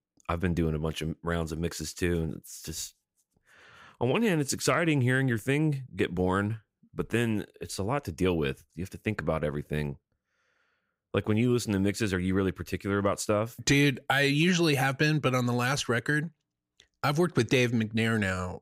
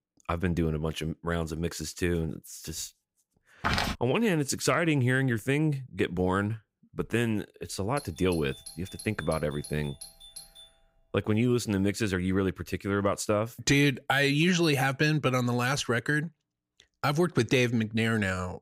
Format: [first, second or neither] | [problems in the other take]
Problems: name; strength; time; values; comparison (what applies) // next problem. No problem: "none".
first | footsteps; noticeable; at 3.5 s; peak level with the speech // doorbell; faint; from 8 to 11 s; peak 15 dB below the speech